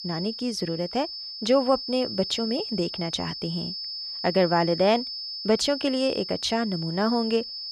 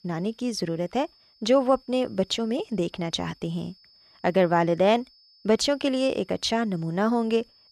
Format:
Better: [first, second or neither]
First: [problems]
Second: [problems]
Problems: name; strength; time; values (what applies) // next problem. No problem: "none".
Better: second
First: high-pitched whine; loud; throughout; 5 kHz, 6 dB below the speech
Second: high-pitched whine; faint; throughout; 5 kHz, 30 dB below the speech